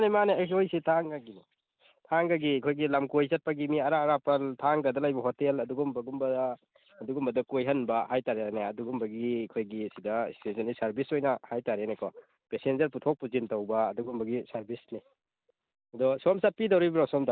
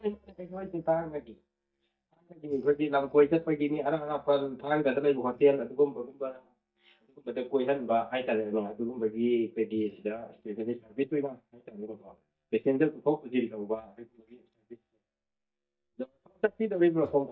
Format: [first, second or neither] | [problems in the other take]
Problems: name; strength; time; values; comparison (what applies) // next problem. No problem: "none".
first | noise reduction (neural mask model DeepFilterNet 3)